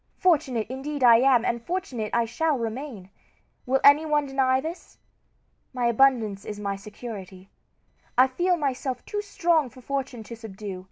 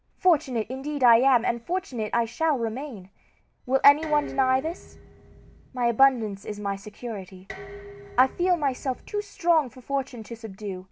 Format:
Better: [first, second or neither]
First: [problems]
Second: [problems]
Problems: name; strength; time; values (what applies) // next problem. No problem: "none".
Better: first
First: none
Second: background sound (Dishes, pots, and pans); 18 dB below the speech